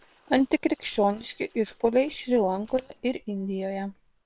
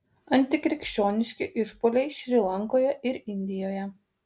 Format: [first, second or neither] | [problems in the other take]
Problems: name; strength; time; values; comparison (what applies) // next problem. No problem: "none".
second | noise reduction (neural separator model SepFormer WHAM!)